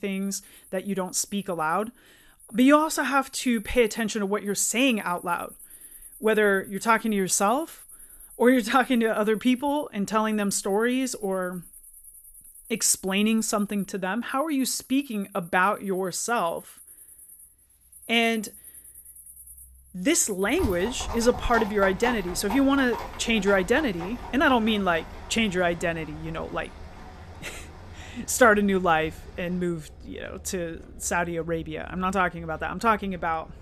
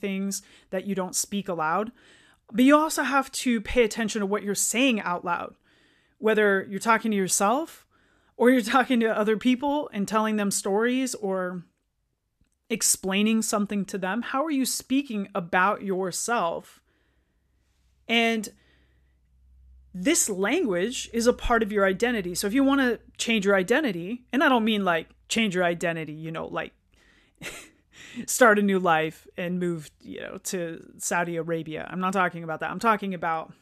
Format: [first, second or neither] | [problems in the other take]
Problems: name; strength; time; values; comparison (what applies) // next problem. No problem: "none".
second | animal sounds; noticeable; throughout; 20 dB below the speech